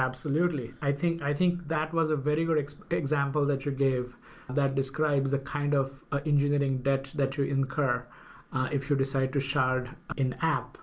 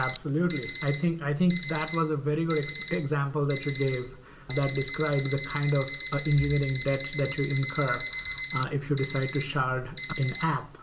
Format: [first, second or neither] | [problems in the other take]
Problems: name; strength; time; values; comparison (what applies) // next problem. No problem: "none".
first | background sound (Alarm); 11 dB below the speech // room echo; dies away in 2.7 s